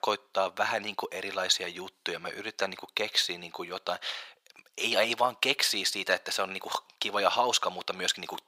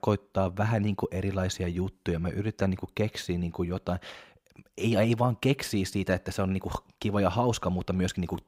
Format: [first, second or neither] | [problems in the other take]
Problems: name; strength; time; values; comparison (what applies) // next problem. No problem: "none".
second | thin; very; fading below 750 Hz